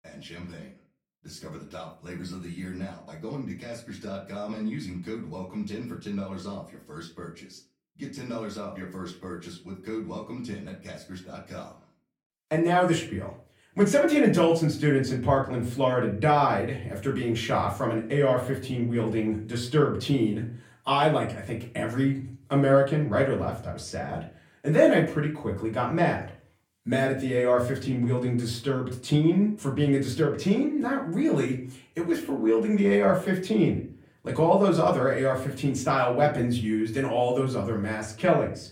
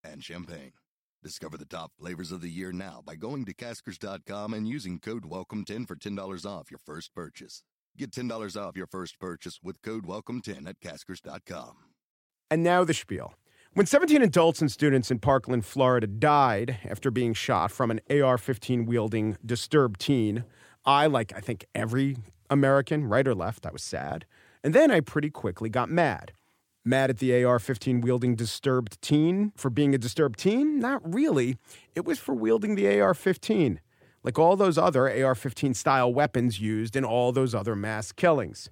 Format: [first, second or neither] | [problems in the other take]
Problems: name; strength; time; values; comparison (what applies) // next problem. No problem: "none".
second | room echo; slight; dies away in 0.4 s // off-mic speech; far